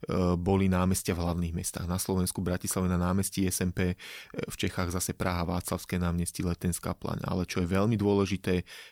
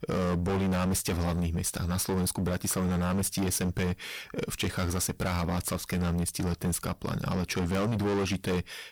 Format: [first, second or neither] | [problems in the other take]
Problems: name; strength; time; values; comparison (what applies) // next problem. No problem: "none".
first | distortion; heavy; 23% of the sound clipped